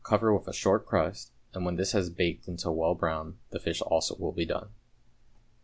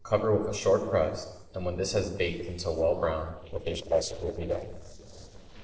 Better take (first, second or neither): first